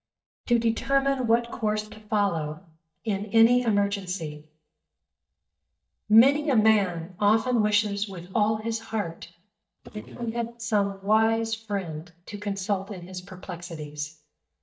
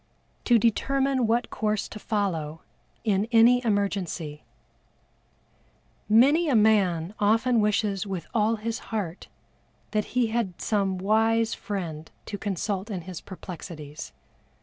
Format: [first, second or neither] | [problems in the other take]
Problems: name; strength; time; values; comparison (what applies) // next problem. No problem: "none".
second | noise reduction (neural mask model DeepFilterNet 3)